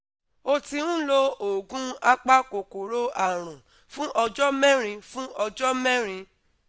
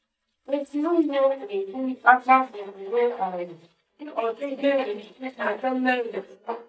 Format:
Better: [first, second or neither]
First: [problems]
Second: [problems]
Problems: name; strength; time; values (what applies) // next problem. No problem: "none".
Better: first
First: none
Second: noise reduction (neural mask model DeepFilterNet 3)